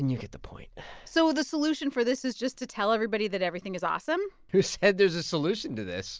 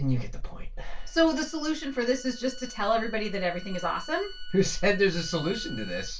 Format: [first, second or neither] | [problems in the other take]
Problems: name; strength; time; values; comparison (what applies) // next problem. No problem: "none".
first | background sound (Bowed string instrument); 19 dB below the speech // room echo; dies away in 0.2 s